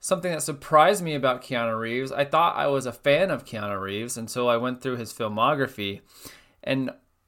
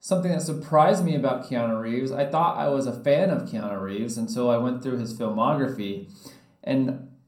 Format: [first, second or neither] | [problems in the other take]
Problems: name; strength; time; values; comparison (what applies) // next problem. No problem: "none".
first | room echo; slight; dies away in 0.5 s // off-mic speech; somewhat distant